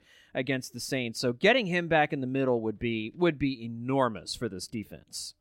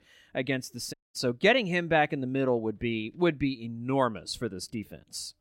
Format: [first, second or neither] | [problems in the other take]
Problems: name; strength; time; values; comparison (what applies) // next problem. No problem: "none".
first | audio cutting out; at 1 s